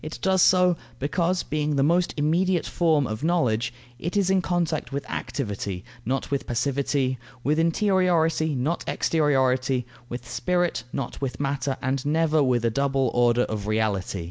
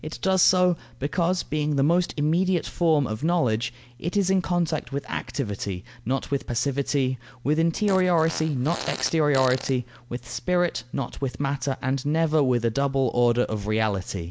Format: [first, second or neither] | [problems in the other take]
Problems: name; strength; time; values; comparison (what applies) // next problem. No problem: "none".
first | background sound (Fart); 13 dB below the speech